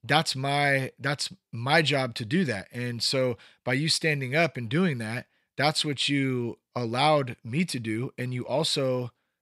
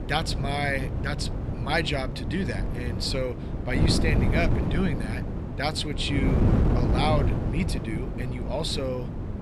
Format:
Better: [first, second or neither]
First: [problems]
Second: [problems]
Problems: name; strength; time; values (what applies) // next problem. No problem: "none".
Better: first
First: none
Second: wind noise on the microphone; heavy; 5 dB below the speech